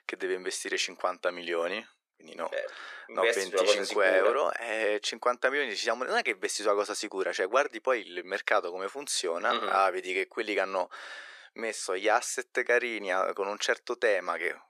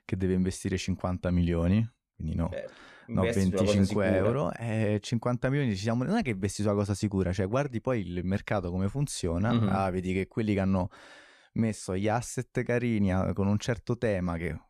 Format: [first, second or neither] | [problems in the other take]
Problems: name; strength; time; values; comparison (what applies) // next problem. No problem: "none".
second | thin; very; fading below 400 Hz